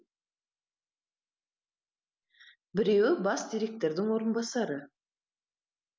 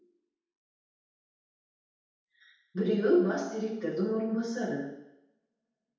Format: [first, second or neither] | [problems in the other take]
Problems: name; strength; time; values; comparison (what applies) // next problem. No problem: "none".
first | room echo; dies away in 0.9 s